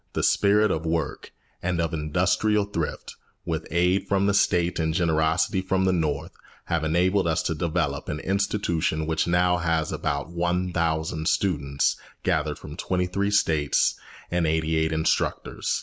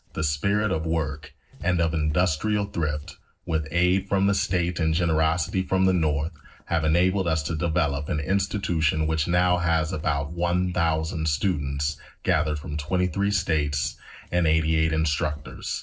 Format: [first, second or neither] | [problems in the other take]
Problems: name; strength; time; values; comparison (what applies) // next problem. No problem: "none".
first | noise reduction (neural separator model SepFormer DNS4)